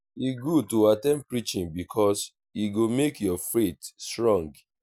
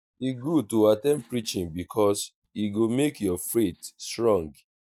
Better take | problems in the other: first | noise reduction (neural mask model DeepFilterNet 3)

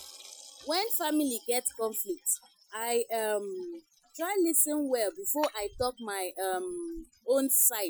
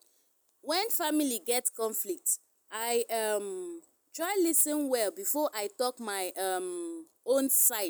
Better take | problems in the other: second | noise reduction (classical method Wiener filter)

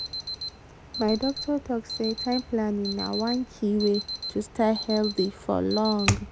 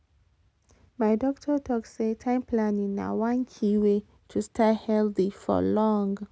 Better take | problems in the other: second | background sound (Alarm); 7 dB below the speech

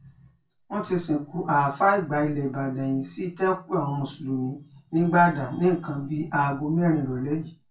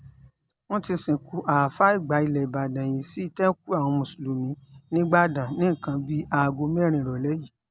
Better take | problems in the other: second | room echo; dies away in 0.2 s

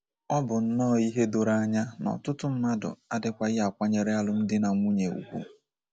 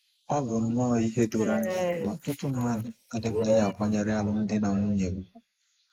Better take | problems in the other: first | noise reduction (neural mask model Resemble Enhance denoiser)

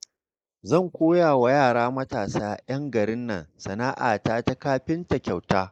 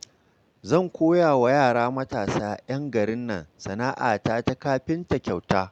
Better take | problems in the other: second | noise reduction (neural mask model Resemble Enhance denoiser)

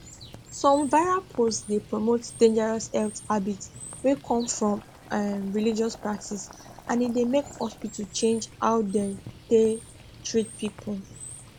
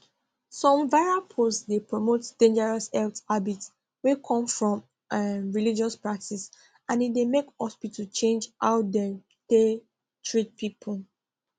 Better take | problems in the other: second | background sound (Boiling + Water / Bird); 18 dB below the speech

